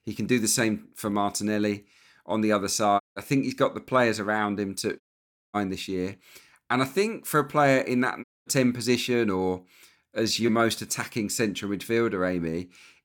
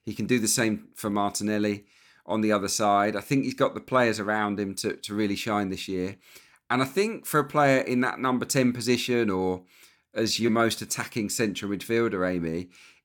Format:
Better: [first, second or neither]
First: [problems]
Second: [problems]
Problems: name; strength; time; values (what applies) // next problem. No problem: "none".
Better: second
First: audio cutting out; at 3 s, at 5 s for 0.5 s and at 8 s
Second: none